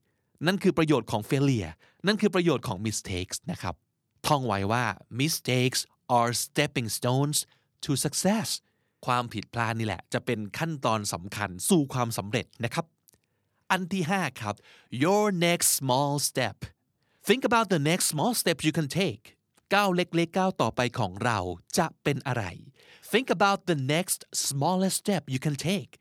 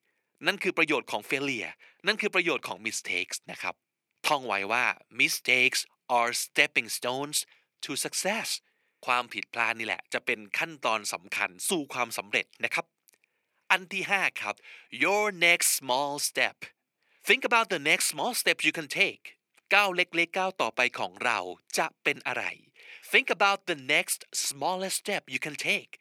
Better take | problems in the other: first | thin; somewhat; fading below 400 Hz

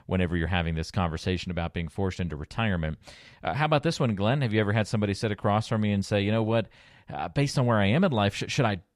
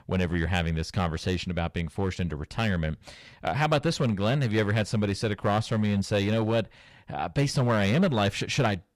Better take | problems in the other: first | distortion; slight; 5% of the sound clipped

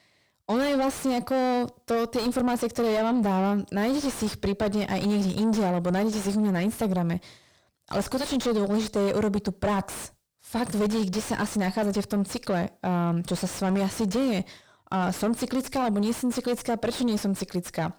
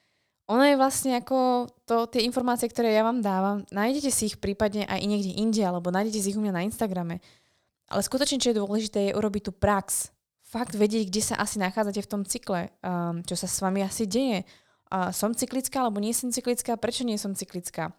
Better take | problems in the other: second | distortion; heavy; 5 dB below the speech

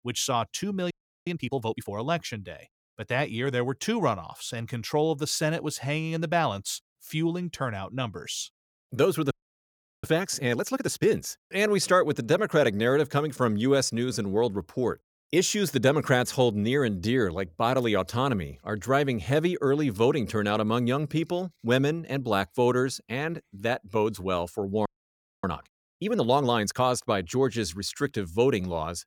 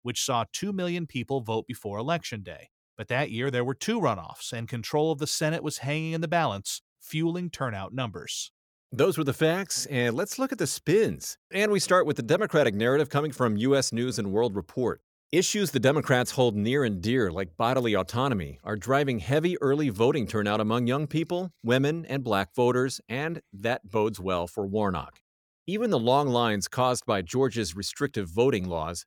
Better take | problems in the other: second | audio freezing; at 1 s, at 9.5 s for 0.5 s and at 25 s for 0.5 s

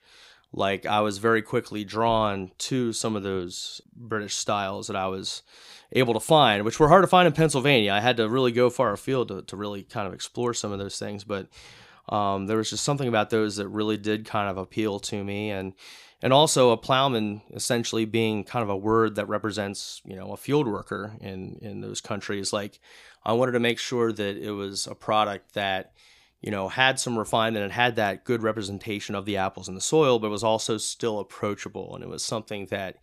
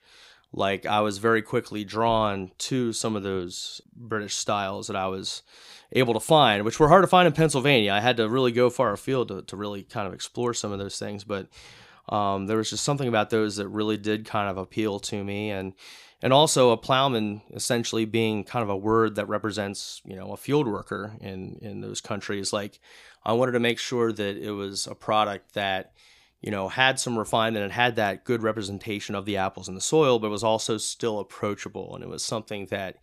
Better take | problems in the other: neither | none

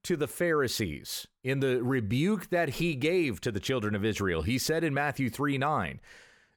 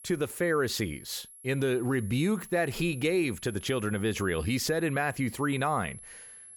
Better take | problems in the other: first | high-pitched whine; noticeable; throughout; 11 kHz, 15 dB below the speech

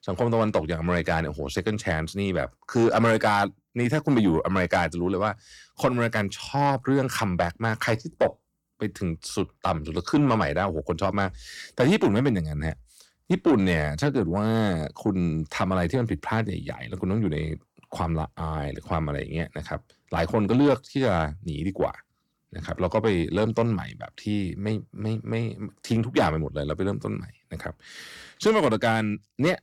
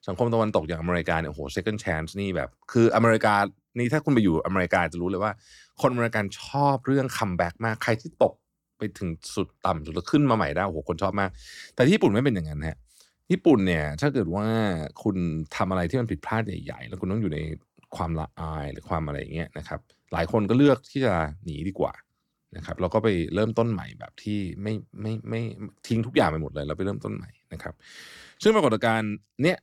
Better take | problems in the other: second | distortion; slight; 10 dB below the speech

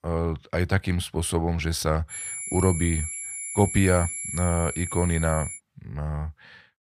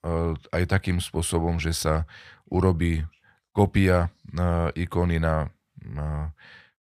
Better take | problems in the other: second | high-pitched whine; loud; from 2 to 5.5 s; 10.5 kHz, 5 dB below the speech

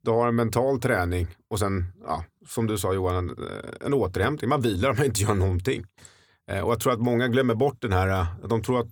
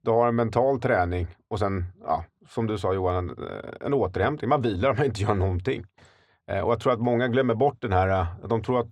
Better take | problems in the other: first | muffled; slightly; fading above 3.5 kHz

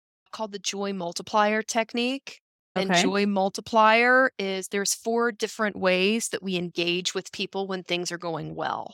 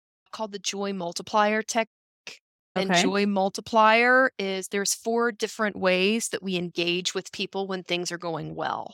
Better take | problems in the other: first | audio cutting out; at 2 s

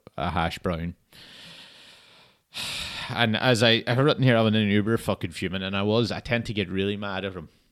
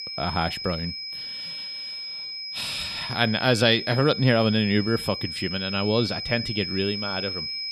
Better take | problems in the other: first | high-pitched whine; loud; throughout; 5 kHz, 6 dB below the speech

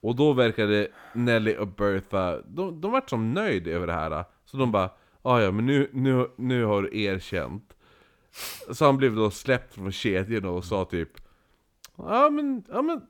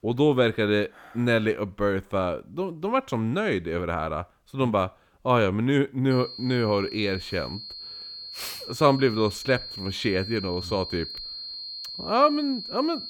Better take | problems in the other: first | high-pitched whine; loud; from 6 s on; 4.5 kHz, 10 dB below the speech

